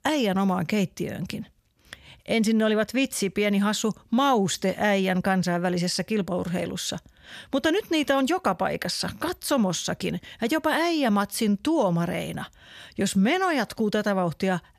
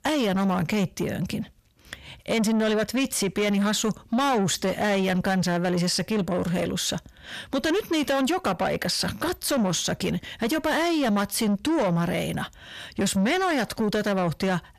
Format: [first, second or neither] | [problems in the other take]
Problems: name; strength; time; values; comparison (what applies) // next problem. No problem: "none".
first | distortion; slight; 10 dB below the speech